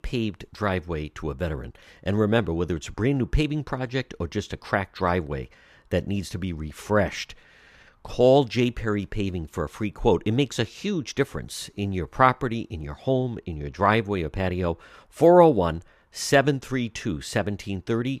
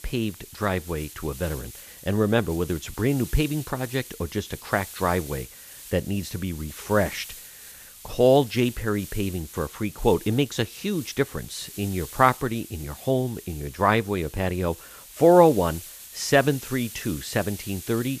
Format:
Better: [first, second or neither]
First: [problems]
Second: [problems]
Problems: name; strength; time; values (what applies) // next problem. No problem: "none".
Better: first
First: none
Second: hiss; noticeable; throughout; 15 dB below the speech